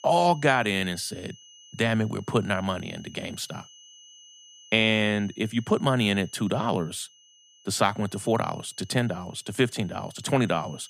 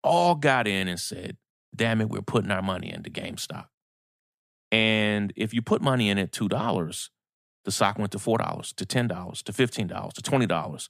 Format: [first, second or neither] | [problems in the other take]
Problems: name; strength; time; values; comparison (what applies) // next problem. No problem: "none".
second | high-pitched whine; faint; throughout; 3 kHz, 25 dB below the speech